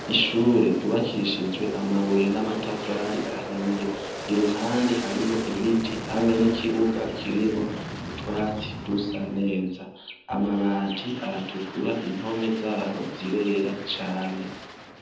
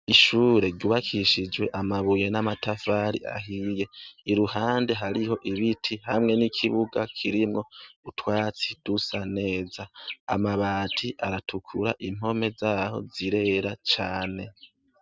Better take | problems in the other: second | background sound (Aircraft); 10 dB below the speech // room echo; dies away in 0.8 s

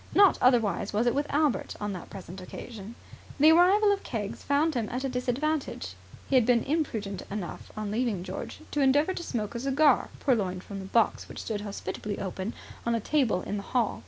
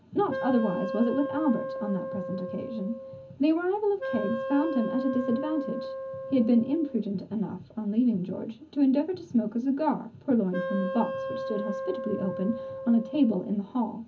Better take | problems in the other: first | background sound (Wind instrument, woodwind instrument); 7 dB below the speech // room echo; dies away in 0.4 s

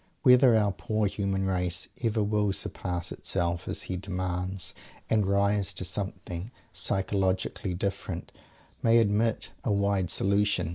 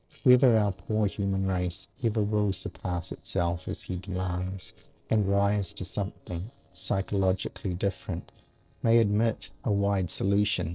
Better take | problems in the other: first | noise reduction (neural separator model SepFormer DNS4)

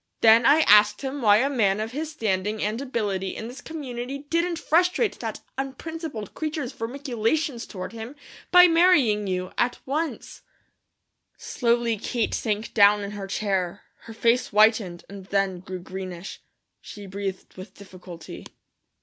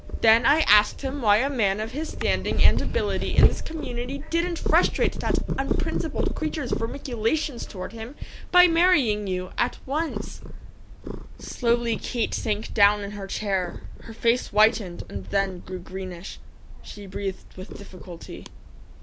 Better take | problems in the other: first | background sound (Purr); as loud as the speech

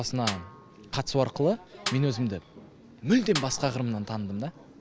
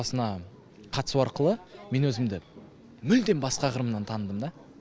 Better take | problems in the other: second | background sound (Snare drum); 12 dB below the speech

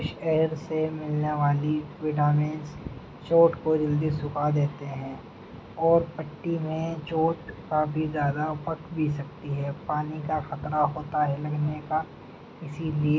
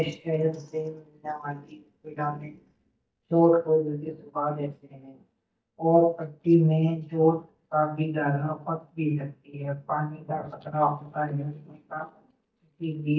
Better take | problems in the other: first | noise reduction (neural mask model DeepFilterNet 3)

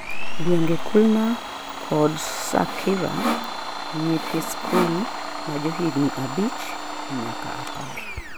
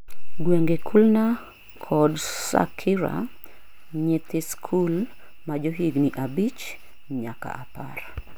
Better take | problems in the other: second | background sound (Sawing + Domestic sounds, home sounds); 7 dB below the speech

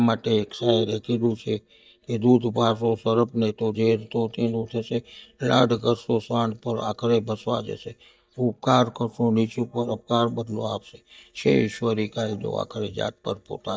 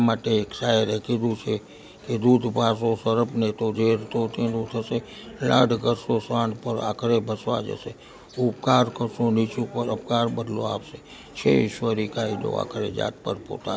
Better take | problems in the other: second | noise reduction (neural mask model DeepFilterNet 3)

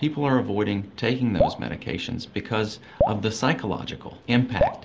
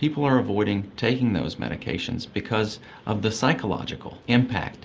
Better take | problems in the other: second | background sound (Drip); 5 dB below the speech

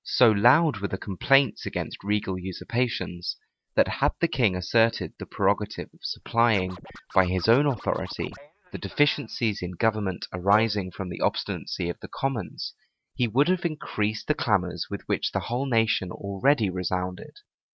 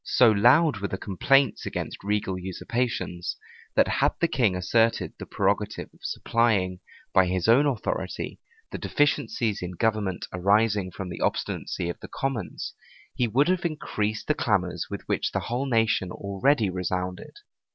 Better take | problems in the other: second | noise reduction (neural mask model RNNoise)

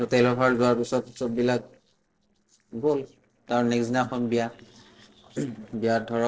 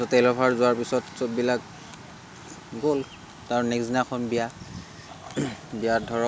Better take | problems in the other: second | noise reduction (neural separator model SepFormer DNS4)

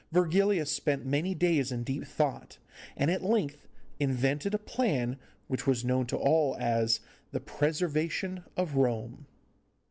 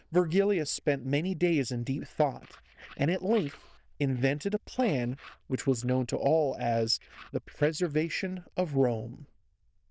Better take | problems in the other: first | noise reduction (neural diffusion model UNIVERSE++)

